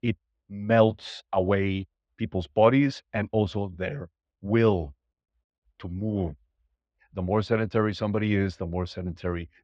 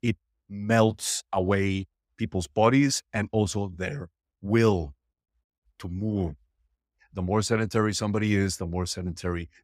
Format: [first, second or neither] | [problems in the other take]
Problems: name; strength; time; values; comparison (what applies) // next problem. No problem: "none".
second | muffled; very; fading above 3.5 kHz